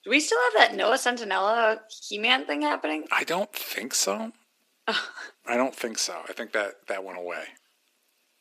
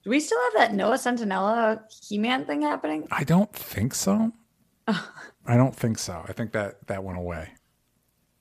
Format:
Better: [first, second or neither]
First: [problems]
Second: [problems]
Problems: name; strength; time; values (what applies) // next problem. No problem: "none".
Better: second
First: thin; somewhat; fading below 300 Hz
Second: none